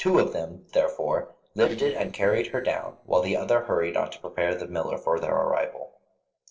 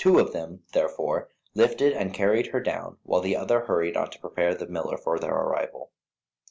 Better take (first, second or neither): second